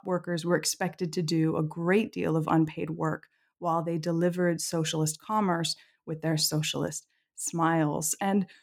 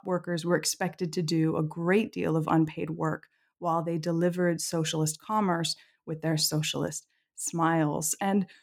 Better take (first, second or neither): neither